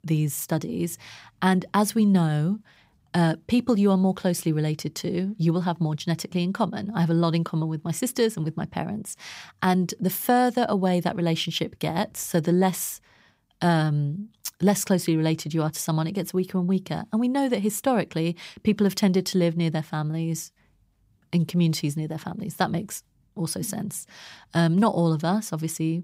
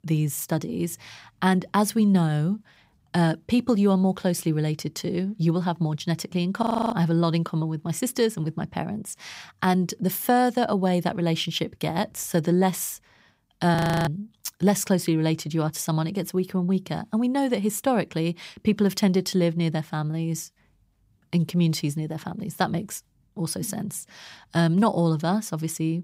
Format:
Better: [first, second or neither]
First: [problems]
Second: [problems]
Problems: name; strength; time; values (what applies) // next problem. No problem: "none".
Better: first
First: none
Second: audio freezing; at 6.5 s and at 14 s